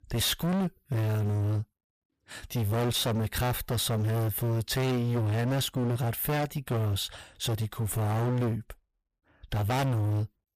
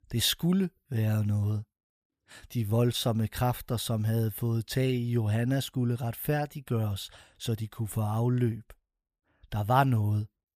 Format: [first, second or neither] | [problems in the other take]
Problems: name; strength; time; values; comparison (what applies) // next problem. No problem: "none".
second | distortion; heavy; 34% of the sound clipped